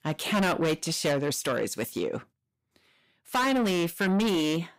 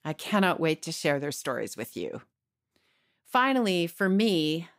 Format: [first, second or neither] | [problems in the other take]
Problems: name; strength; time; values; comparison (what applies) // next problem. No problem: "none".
second | distortion; heavy; 7 dB below the speech